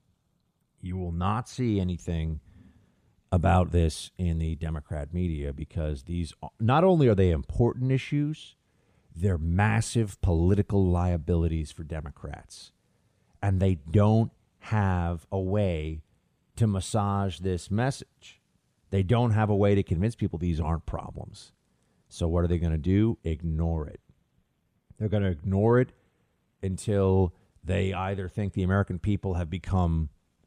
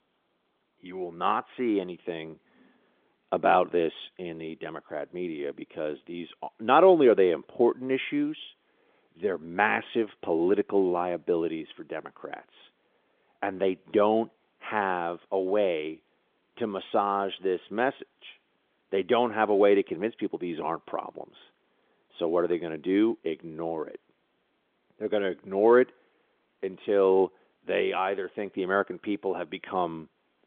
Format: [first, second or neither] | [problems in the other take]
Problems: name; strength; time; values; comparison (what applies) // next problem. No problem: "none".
first | phone-call audio; nothing above 3.5 kHz